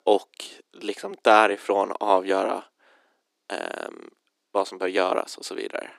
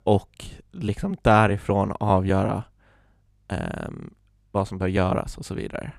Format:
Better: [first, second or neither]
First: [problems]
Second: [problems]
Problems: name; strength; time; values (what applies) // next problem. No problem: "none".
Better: second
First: thin; very; fading below 300 Hz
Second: none